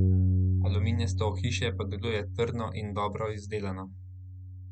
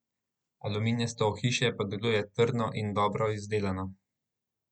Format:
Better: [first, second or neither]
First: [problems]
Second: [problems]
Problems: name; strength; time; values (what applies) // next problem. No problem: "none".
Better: second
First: background sound (Bass guitar); 4 dB above the speech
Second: none